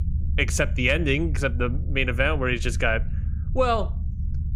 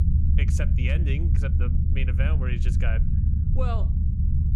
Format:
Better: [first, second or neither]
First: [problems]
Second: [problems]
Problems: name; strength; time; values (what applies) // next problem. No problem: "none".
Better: first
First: low rumble; faint; throughout; 20 dB below the speech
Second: low rumble; loud; throughout; 3 dB below the speech